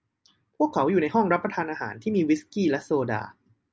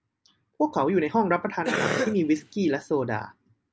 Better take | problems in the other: first | background sound (Cough); 3 dB below the speech

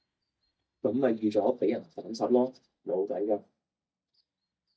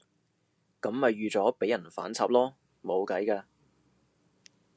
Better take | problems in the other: second | noise reduction (neural mask model DeepFilterNet 3)

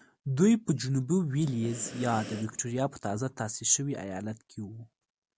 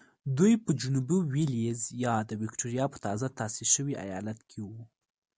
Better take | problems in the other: second | background sound (Breathing); 14 dB below the speech

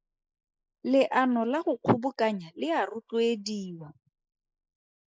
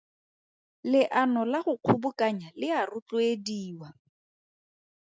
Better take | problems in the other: second | noise reduction (neural mask model Resemble Enhance denoiser)

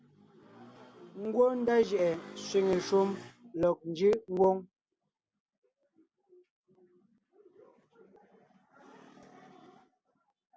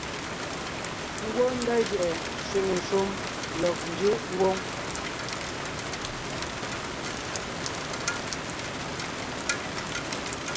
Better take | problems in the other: first | background sound (Rain); as loud as the speech

